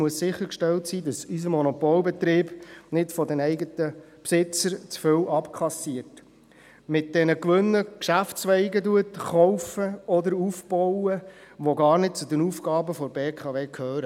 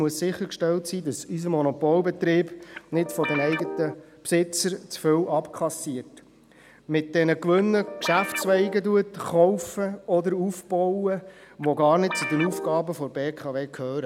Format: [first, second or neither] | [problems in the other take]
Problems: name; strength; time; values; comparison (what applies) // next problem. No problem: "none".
first | background sound (Guitar); 8 dB below the speech